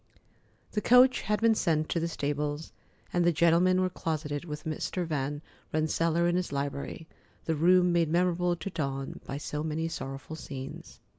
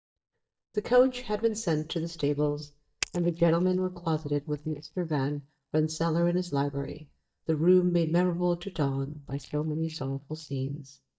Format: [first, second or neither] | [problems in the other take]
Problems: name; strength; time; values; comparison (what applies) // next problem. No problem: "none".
first | noise reduction (neural mask model DeepFilterNet 3)